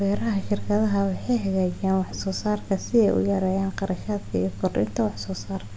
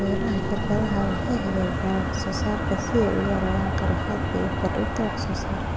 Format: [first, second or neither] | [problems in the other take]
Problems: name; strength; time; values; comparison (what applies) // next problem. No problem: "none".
first | background sound (Motor vehicle (road)); as loud as the speech